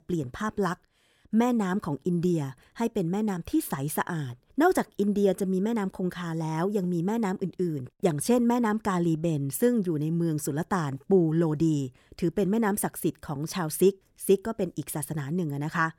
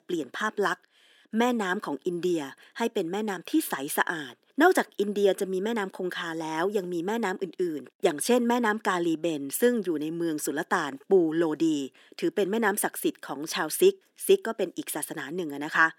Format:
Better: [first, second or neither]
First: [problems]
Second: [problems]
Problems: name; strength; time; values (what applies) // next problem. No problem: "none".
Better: first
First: none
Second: thin; somewhat; fading below 250 Hz